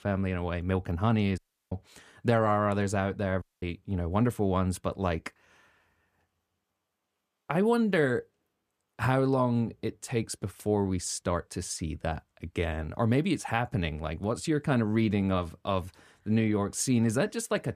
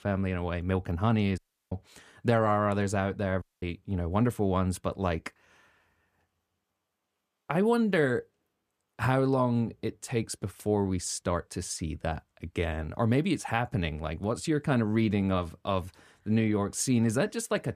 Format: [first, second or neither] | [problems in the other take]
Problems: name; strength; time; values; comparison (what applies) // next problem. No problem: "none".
neither | audio cutting out; at 1.5 s and at 3.5 s; the same in both